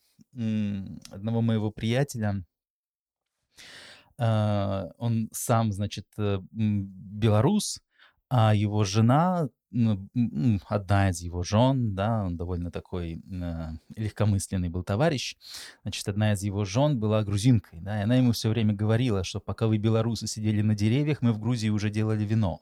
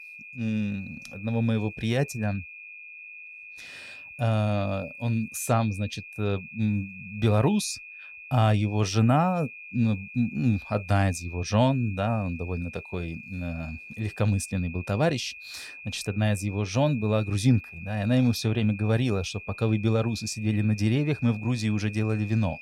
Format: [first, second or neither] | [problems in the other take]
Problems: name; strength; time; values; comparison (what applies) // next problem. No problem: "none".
first | high-pitched whine; noticeable; throughout; 2.5 kHz, 15 dB below the speech